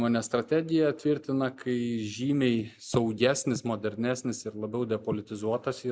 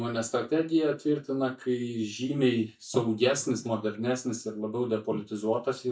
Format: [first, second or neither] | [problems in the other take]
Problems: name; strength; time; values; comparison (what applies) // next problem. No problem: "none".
first | noise reduction (neural mask model DeepFilterNet 3)